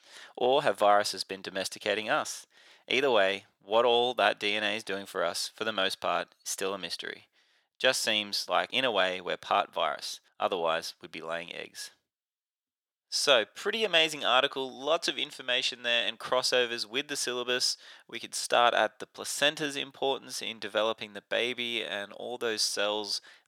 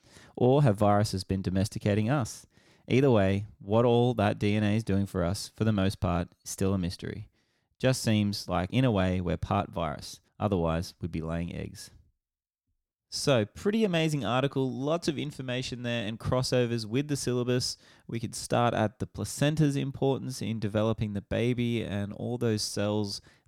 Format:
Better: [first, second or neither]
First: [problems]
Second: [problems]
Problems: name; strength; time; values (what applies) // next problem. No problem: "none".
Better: second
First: thin; very; fading below 650 Hz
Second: none